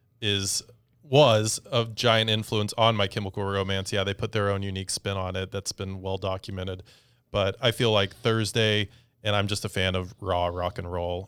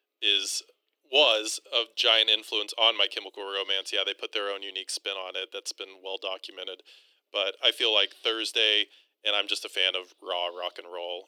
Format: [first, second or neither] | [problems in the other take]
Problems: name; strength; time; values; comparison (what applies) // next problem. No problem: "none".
first | thin; very; fading below 300 Hz